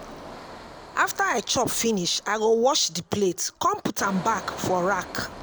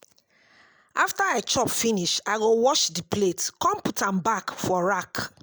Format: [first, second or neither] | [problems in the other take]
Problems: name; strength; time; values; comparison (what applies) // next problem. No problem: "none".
second | background sound (Engine); 16 dB below the speech